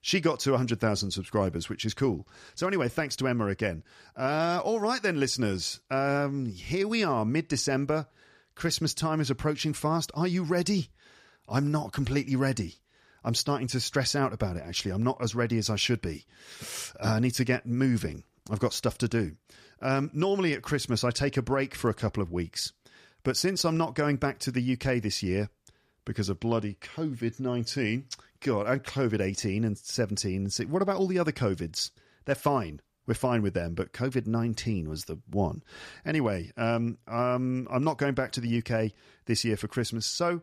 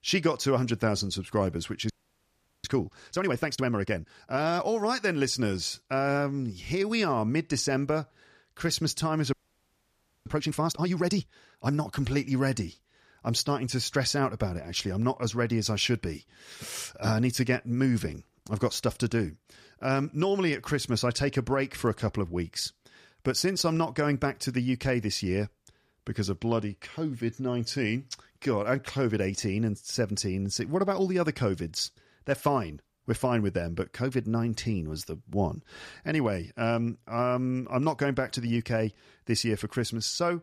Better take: first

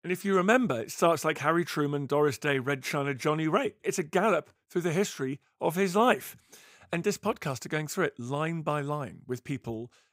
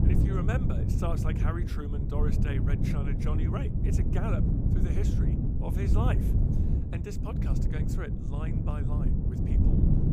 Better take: first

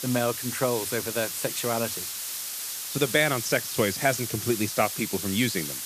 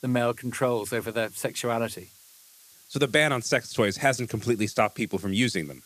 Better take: second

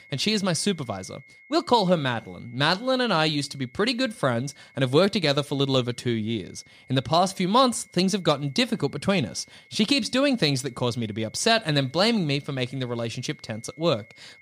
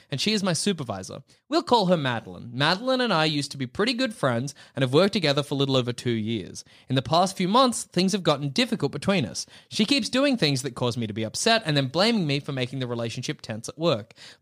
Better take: second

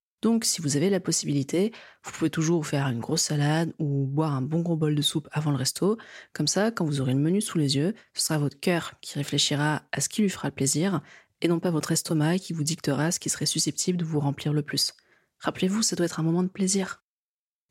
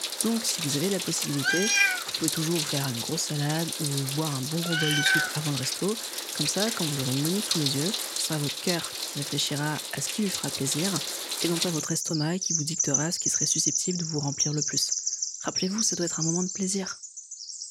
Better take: first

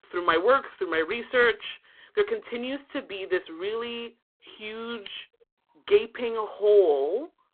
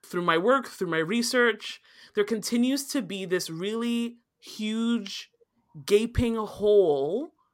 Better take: second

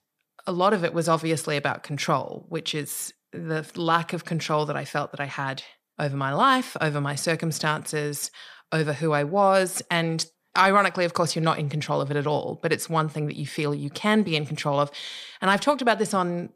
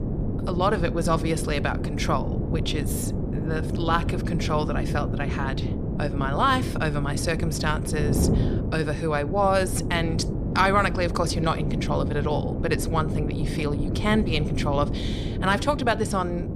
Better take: first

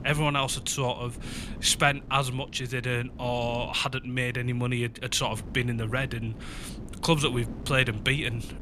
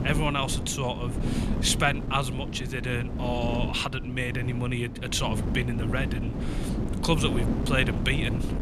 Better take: first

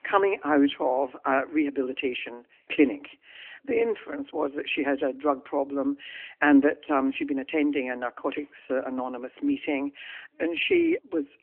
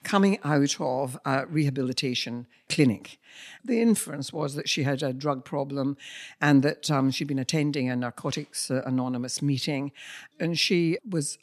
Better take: second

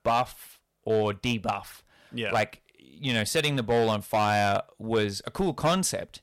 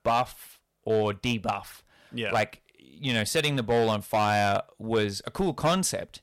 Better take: neither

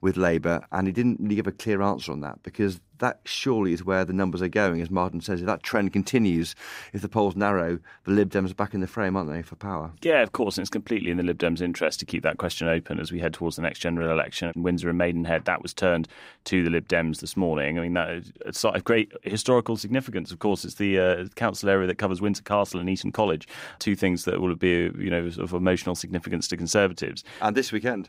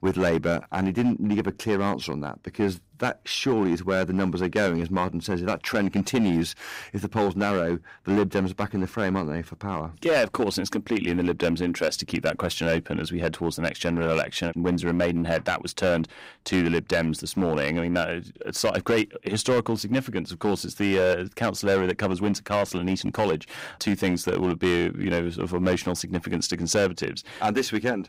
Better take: first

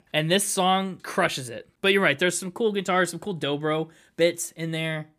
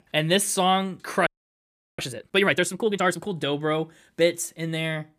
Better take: first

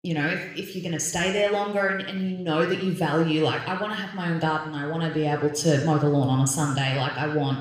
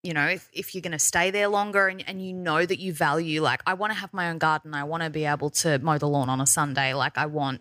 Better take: second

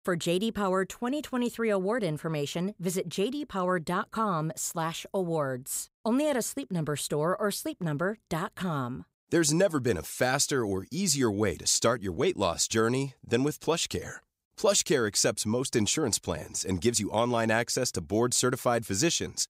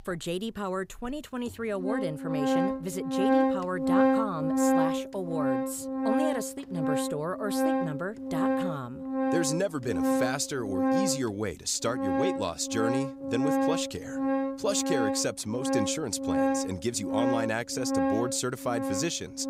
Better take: first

